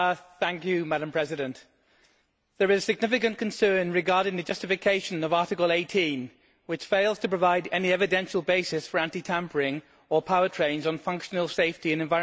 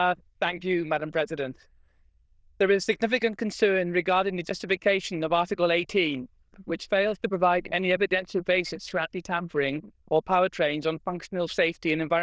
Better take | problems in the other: first | noise reduction (neural diffusion model UNIVERSE++)

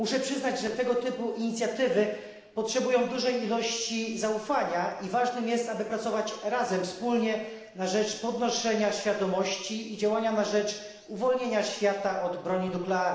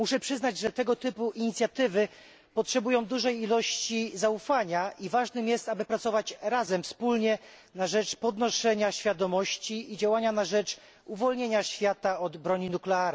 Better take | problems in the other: second | room echo; dies away in 1.1 s

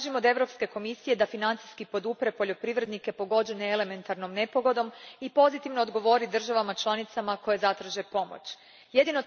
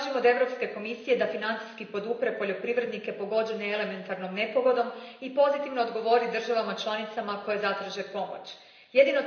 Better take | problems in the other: first | room echo; dies away in 0.9 s

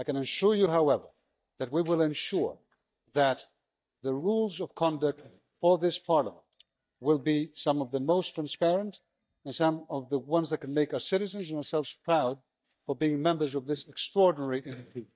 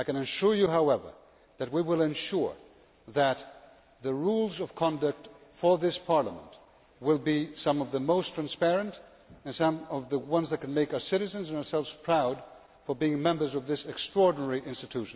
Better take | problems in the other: second | noise reduction (neural mask model DeepFilterNet 3)

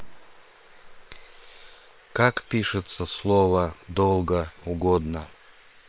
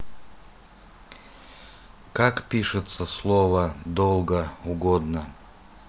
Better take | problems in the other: second | noise reduction (neural separator model SepFormer WHAM!)

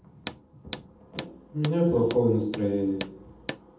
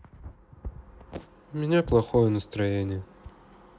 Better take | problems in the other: second | background sound (Hammer); 14 dB below the speech // room echo; dies away in 0.8 s

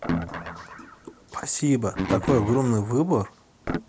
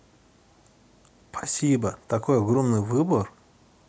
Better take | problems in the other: second | background sound (Guitar); 6 dB below the speech

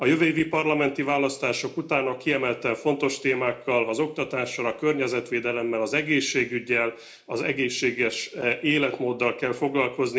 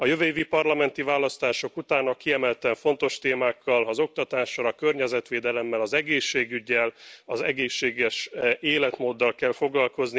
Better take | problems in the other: second | room echo; dies away in 0.4 s

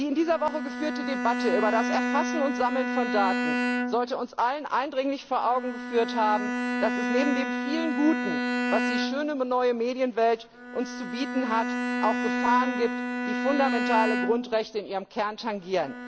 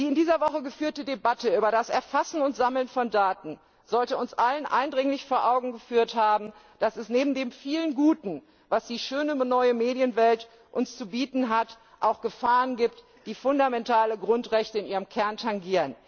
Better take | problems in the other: second | background sound (Bowed string instrument); 2 dB below the speech

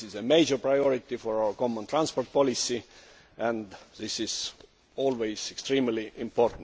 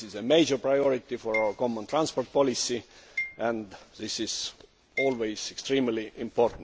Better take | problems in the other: first | background sound (Marimba, xylophone); 13 dB below the speech

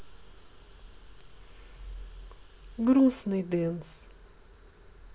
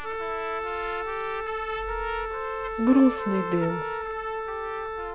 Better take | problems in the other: first | background sound (Trumpet + Wind instrument, woodwind instrument); 2 dB below the speech

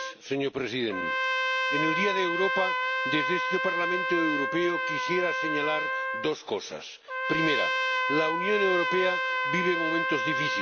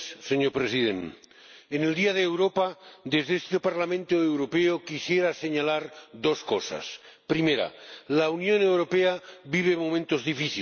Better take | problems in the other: second | background sound (Trumpet); 2 dB above the speech

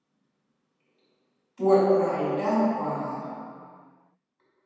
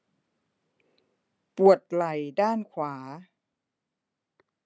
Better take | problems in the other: second | room echo; dies away in 2.1 s

